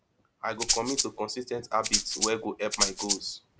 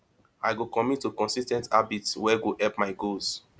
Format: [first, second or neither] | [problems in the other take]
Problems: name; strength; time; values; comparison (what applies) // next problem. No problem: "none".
second | background sound (Rattle (instrument)); 3 dB above the speech